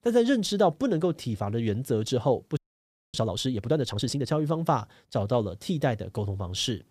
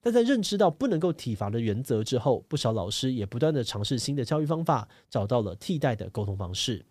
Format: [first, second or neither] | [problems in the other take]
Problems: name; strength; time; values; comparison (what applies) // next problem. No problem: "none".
second | audio freezing; at 2.5 s for 0.5 s